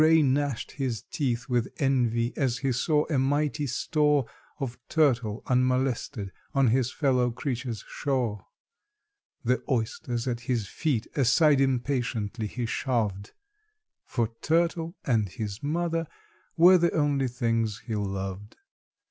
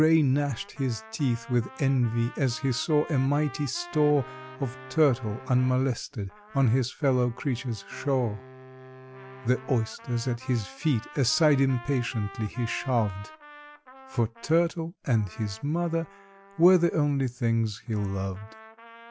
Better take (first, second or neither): first